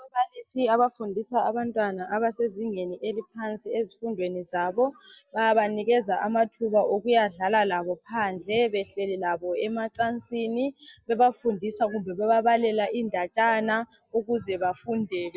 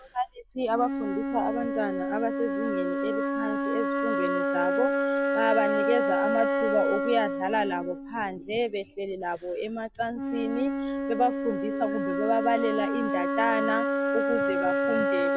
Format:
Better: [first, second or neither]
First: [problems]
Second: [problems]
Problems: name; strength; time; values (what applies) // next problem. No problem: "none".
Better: first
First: none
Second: background sound (Wind instrument, woodwind instrument); 2 dB above the speech